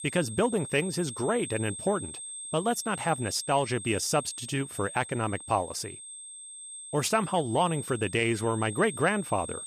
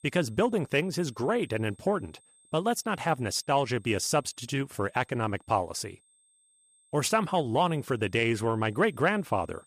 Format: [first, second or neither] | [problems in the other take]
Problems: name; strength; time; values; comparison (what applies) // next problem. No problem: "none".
second | high-pitched whine; loud; throughout; 8.5 kHz, 10 dB below the speech; faint in the second